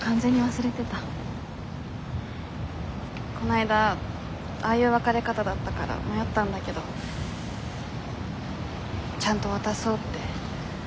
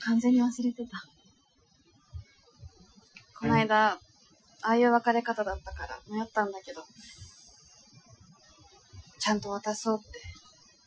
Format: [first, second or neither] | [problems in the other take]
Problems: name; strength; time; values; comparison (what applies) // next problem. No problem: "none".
first | noise reduction (classical method Wiener filter)